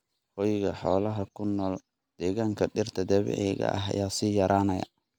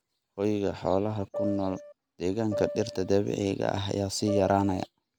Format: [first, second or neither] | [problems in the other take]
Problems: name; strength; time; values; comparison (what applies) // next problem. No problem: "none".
first | background sound (Piano); 6 dB below the speech